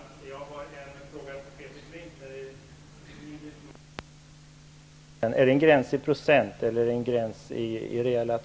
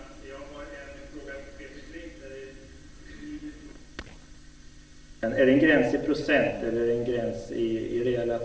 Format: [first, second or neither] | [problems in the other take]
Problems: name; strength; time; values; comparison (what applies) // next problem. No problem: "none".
first | room echo; dies away in 0.9 s